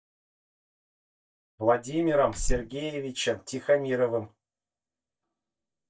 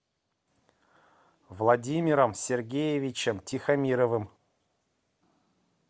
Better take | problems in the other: second | noise reduction (neural mask model DeepFilterNet 3)

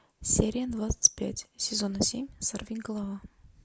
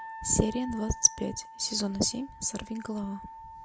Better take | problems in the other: first | background sound (Wind instrument, woodwind instrument); 14 dB below the speech

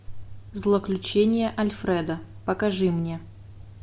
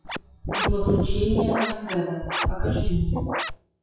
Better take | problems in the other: first | noise reduction (classical method WPE with log-MMSE)

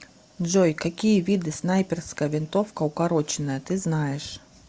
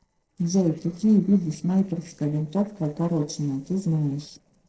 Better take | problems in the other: first | noise reduction (neural separator model SepFormer DNS4)

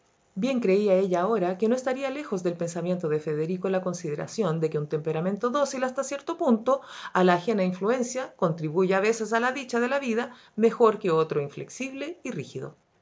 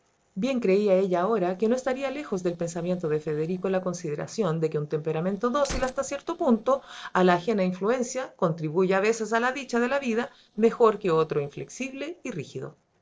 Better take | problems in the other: first | noise reduction (neural separator model SepFormer DNS4)

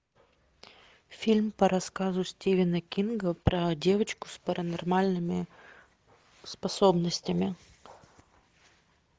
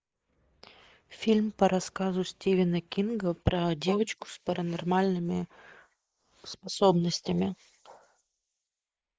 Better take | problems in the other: first | noise reduction (neural mask model Resemble Enhance denoiser)

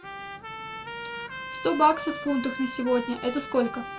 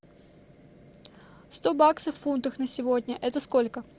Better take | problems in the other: second | background sound (Trumpet); 9 dB below the speech // room echo; dies away in 0.2 s

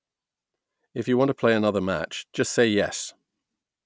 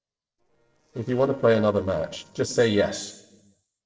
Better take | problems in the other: first | noise reduction (neural separator model SepFormer DNS4)

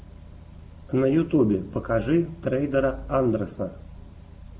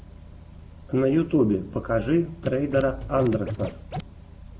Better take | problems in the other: first | background sound (Scratching (performance technique)); 9 dB below the speech

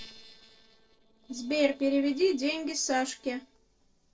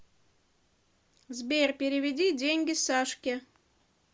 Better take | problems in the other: second | noise reduction (neural separator model SepFormer DNS4)

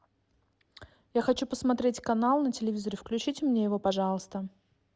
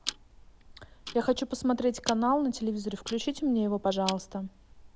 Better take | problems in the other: first | background sound (Tick-tock); 13 dB below the speech

